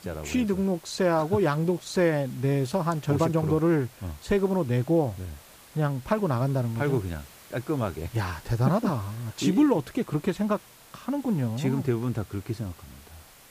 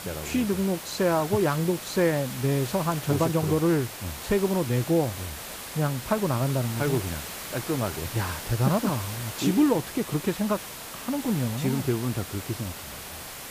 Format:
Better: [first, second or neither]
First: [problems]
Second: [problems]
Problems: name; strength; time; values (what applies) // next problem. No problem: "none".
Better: first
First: hiss; faint; throughout; 20 dB below the speech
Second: hiss; loud; throughout; 9 dB below the speech